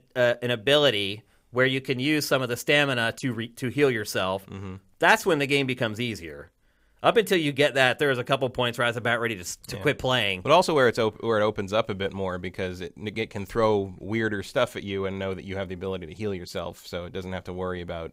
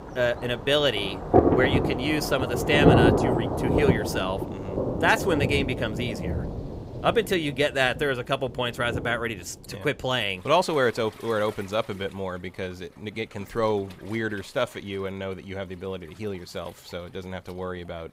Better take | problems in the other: first | rain or running water; very loud; throughout; 1 dB above the speech

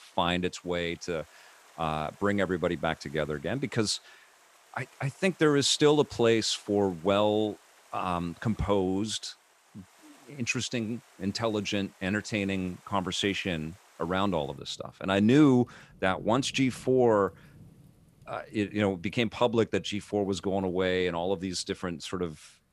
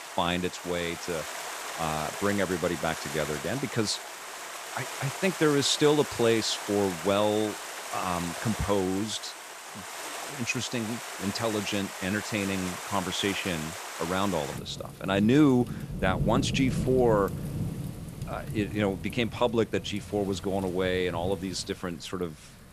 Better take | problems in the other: first | rain or running water; loud; throughout; 8 dB below the speech; faint in the first

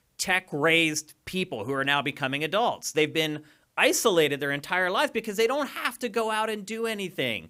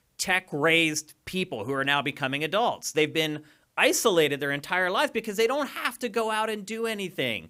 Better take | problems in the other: neither | none

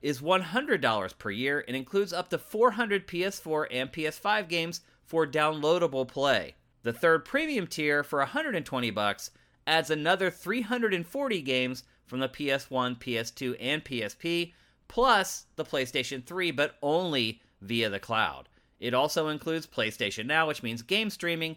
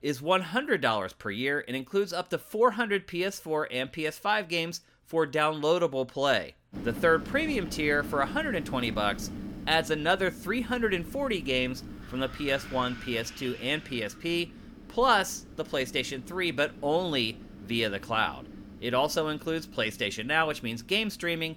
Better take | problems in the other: first | wind noise on the microphone; occasional gusts; from 6.5 s on; 20 dB below the speech

